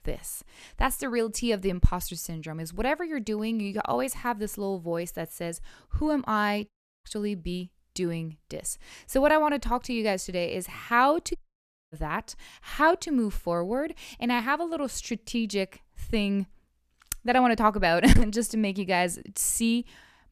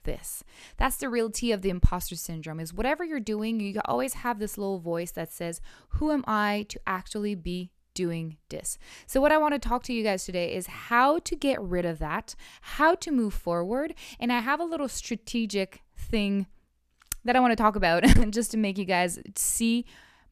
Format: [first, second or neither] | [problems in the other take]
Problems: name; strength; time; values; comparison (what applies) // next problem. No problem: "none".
second | audio cutting out; at 6.5 s and at 11 s for 0.5 s